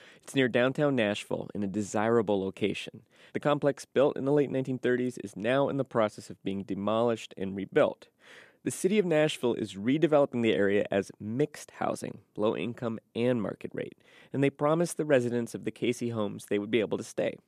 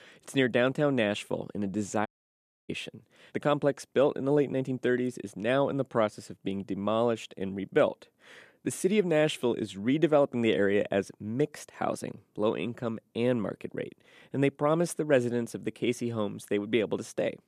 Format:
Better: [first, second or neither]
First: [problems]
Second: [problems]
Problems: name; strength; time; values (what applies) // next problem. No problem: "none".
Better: first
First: none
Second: audio cutting out; at 2 s for 0.5 s